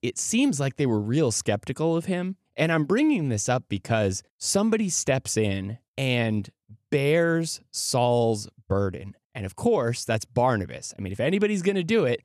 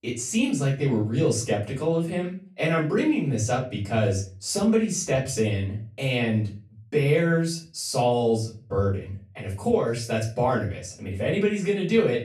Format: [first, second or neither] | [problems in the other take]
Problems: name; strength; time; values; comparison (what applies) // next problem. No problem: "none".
first | off-mic speech; far // room echo; slight; dies away in 0.3 s